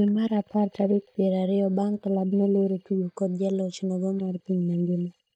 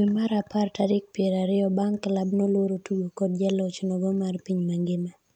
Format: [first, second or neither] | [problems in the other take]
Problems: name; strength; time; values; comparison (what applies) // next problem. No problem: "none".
second | noise reduction (neural mask model DeepFilterNet 3)